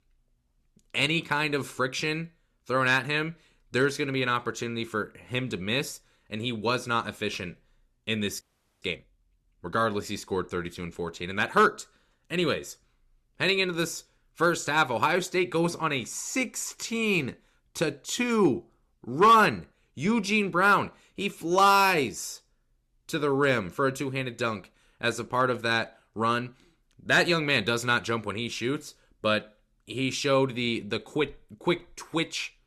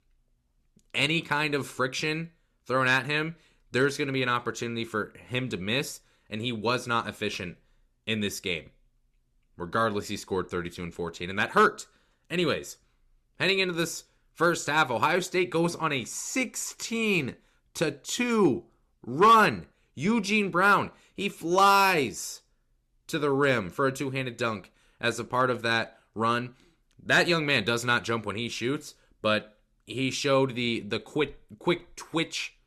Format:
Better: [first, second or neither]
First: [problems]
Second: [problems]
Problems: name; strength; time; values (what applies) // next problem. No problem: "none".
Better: second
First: audio freezing; at 8.5 s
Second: none